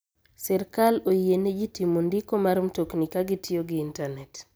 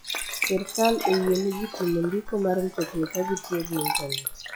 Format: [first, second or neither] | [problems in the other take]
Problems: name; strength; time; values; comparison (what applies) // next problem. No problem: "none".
first | noise reduction (classical method log-MMSE)